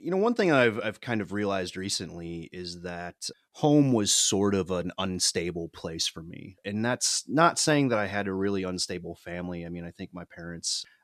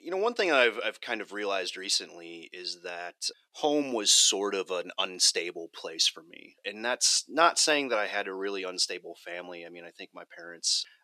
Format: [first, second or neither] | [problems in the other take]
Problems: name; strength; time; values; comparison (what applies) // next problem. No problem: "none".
first | thin; somewhat; fading below 400 Hz